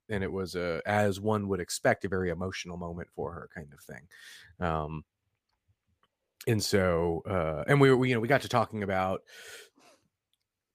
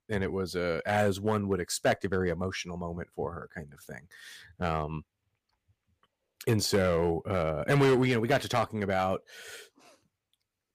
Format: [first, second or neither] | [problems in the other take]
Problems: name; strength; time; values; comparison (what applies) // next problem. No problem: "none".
first | distortion; slight; 2% of the sound clipped